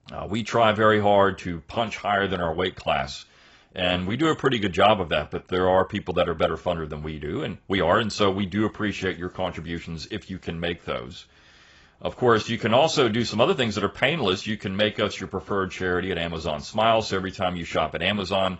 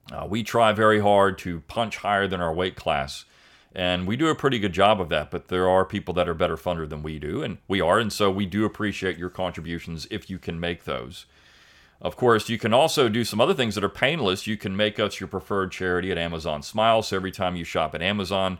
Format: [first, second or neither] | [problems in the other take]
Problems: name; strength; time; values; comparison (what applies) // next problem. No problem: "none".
second | garbled, watery; badly; nothing above 8 kHz